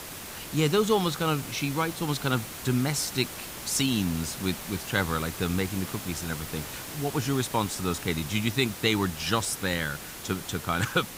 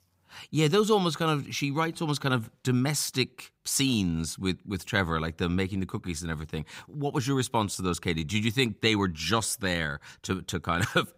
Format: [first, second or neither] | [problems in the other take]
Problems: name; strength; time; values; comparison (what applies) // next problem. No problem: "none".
second | hiss; loud; throughout; 9 dB below the speech